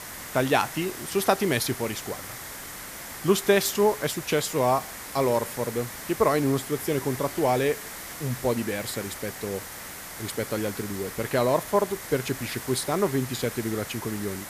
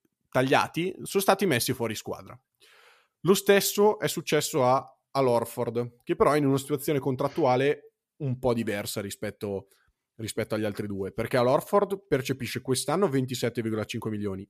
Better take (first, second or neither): second